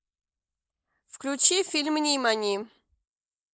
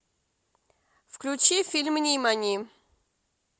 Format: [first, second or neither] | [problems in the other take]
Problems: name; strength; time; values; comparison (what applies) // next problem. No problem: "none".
second | noise reduction (neural mask model Resemble Enhance denoiser)